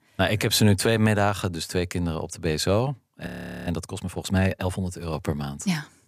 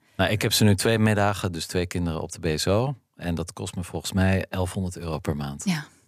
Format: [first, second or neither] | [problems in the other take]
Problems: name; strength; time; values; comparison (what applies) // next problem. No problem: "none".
second | audio freezing; at 3.5 s